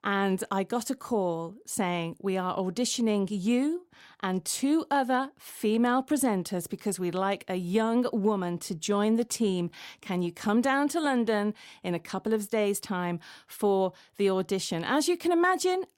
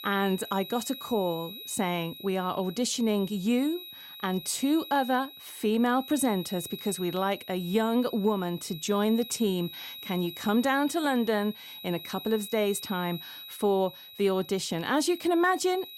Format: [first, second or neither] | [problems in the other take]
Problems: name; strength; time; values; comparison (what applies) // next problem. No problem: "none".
first | high-pitched whine; noticeable; throughout; 4 kHz, 15 dB below the speech